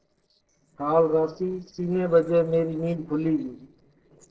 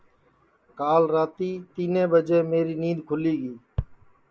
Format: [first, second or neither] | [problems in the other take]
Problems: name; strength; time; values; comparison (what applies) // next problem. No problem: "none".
second | noise reduction (neural separator model SepFormer DNS4)